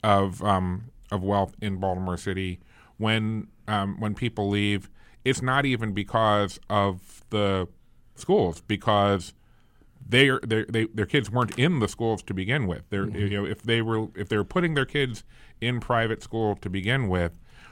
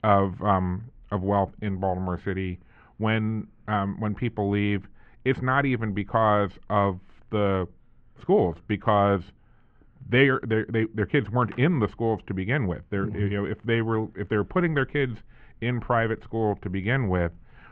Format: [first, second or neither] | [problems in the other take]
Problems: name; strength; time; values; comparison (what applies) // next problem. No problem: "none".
first | muffled; very; fading above 2 kHz